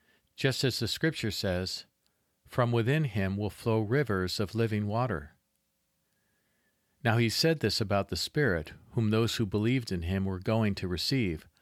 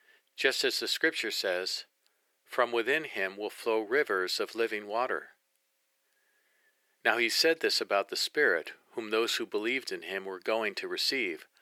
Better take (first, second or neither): first